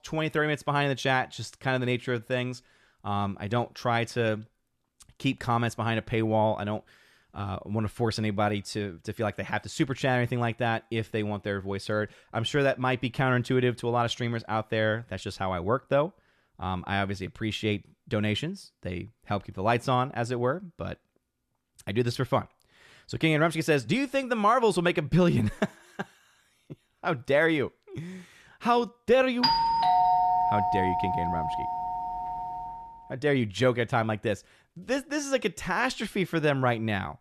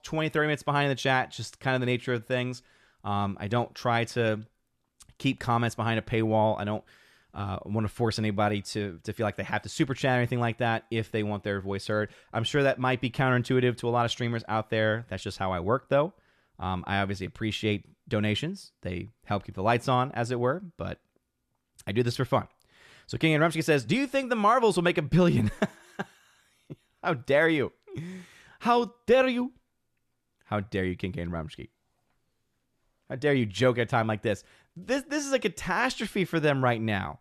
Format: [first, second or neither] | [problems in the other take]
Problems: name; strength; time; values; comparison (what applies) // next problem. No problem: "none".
second | doorbell; loud; from 29 to 33 s; peak 6 dB above the speech